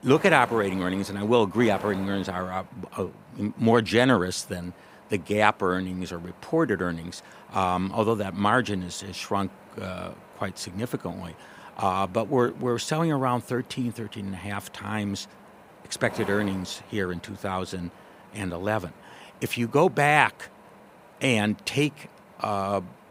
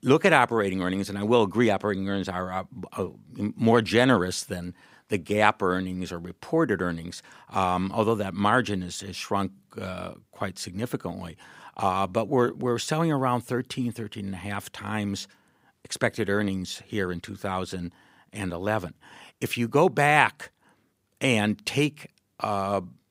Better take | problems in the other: second | wind noise on the microphone; occasional gusts; 20 dB below the speech

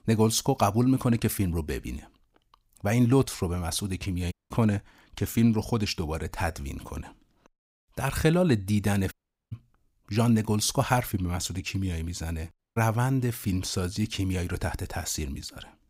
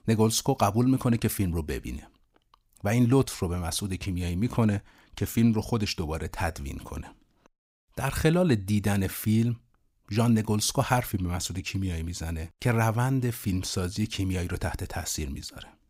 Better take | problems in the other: second | audio cutting out; at 4.5 s, at 9 s and at 13 s

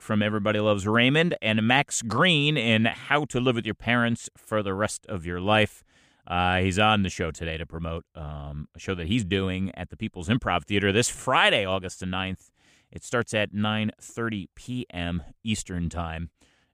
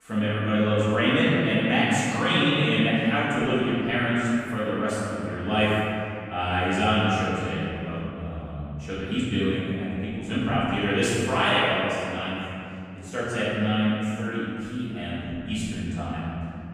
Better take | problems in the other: first | off-mic speech; far // room echo; strong; dies away in 2.5 s

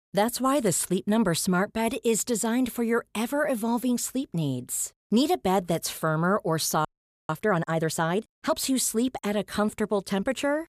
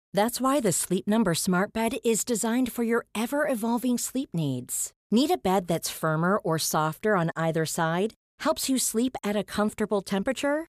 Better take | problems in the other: second | audio freezing; at 7 s

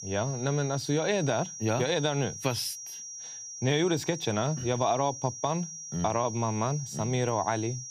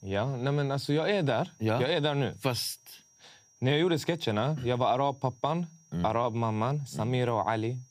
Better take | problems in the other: second | high-pitched whine; loud; throughout; 5.5 kHz, 9 dB below the speech; faint in the second

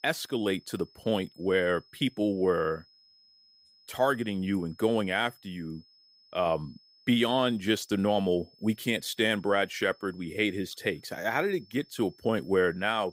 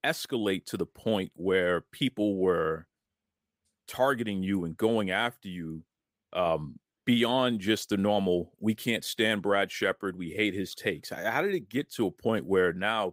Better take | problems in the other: second | high-pitched whine; faint; throughout; 5 kHz, 30 dB below the speech

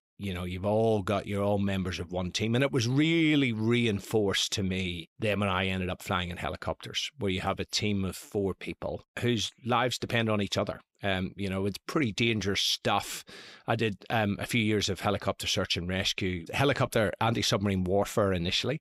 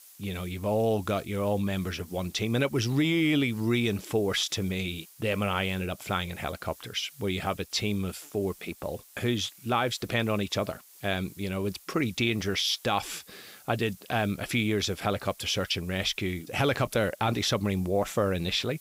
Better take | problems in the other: first | hiss; faint; throughout; 20 dB below the speech

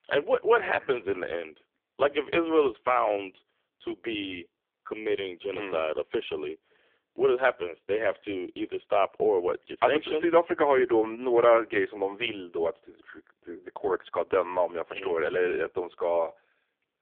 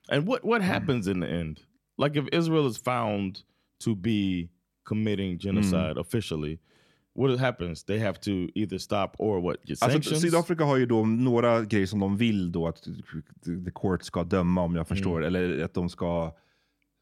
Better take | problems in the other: second | phone-call audio; poor line

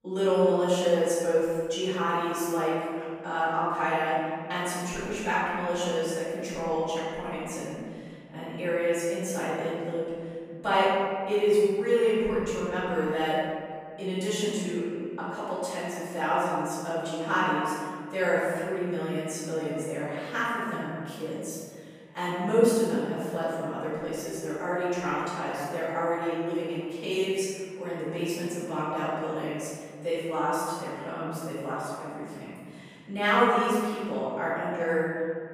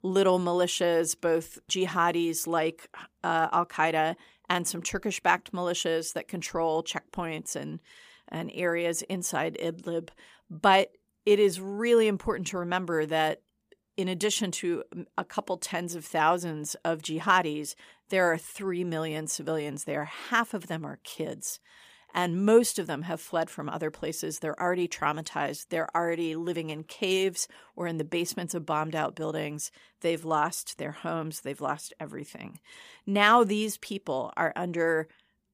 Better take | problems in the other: second | off-mic speech; far // room echo; strong; dies away in 2.1 s

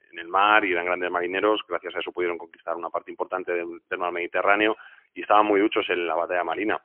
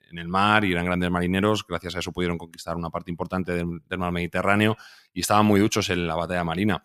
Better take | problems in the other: second | phone-call audio; poor line; nothing above 3 kHz

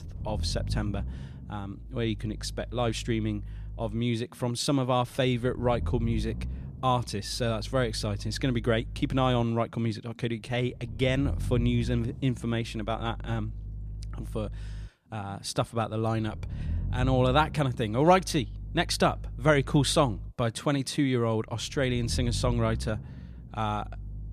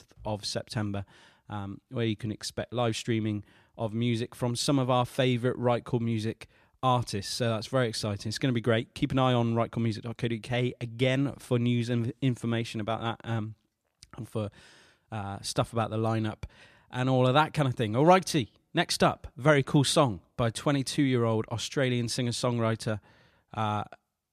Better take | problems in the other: second | low rumble; faint; throughout; 20 dB below the speech

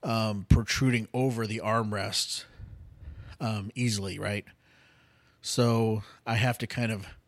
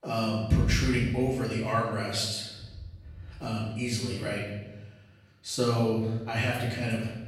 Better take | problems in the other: first | off-mic speech; far // room echo; noticeable; dies away in 1.1 s

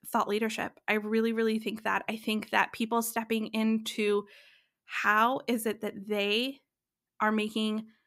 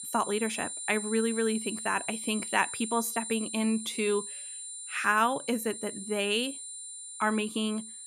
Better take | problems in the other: first | high-pitched whine; loud; throughout; 9.5 kHz, 7 dB below the speech

